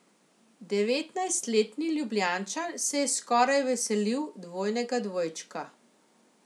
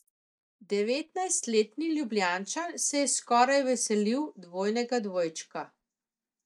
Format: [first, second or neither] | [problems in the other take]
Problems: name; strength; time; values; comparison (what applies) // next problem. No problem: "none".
first | noise reduction (neural mask model DeepFilterNet 3)